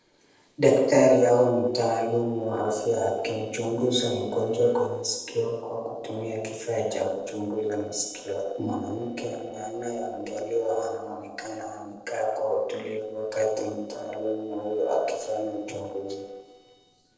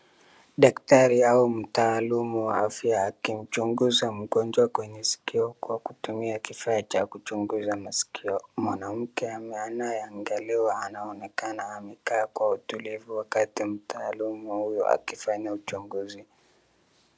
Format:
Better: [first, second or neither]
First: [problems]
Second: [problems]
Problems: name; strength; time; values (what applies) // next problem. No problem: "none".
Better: second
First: noise reduction (neural separator model SepFormer DNS4)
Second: none